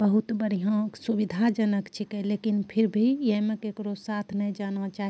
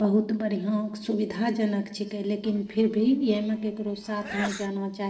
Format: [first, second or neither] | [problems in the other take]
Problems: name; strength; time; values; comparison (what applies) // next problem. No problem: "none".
first | noise reduction (neural separator model SepFormer DNS4)